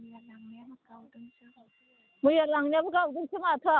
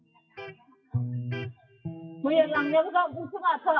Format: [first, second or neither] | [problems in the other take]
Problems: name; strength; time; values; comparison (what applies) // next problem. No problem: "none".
first | noise reduction (classical method WPE with log-MMSE)